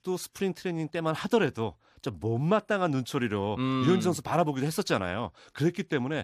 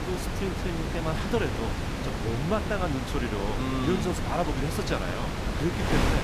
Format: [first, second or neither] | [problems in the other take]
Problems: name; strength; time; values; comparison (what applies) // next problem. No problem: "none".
first | wind noise on the microphone; heavy; 1 dB below the speech